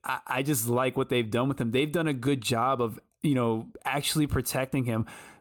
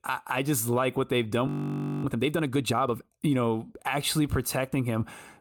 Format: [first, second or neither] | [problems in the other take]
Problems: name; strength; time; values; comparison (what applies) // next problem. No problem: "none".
first | audio freezing; at 1.5 s for 0.5 s